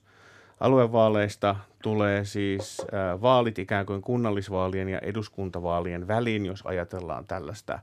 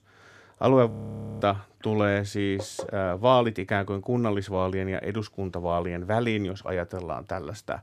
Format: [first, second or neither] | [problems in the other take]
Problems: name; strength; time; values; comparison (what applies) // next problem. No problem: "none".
first | audio freezing; at 1 s